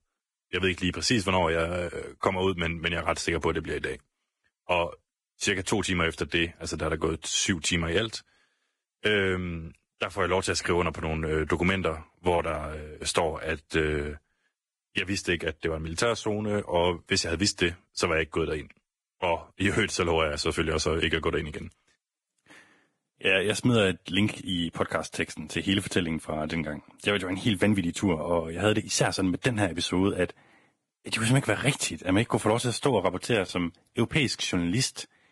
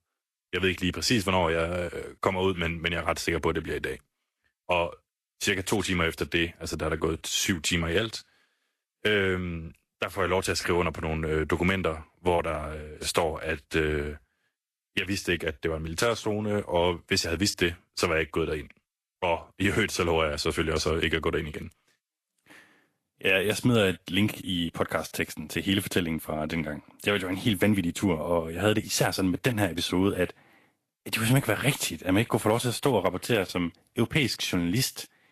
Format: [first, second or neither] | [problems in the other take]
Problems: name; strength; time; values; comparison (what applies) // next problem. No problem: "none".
second | garbled, watery; badly; nothing above 10.5 kHz; slightly in the second